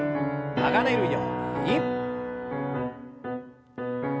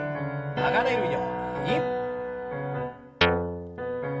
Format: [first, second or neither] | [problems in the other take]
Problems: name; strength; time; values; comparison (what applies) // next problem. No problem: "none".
first | background sound (Guitar); 1 dB above the speech // room echo; dies away in 0.2 s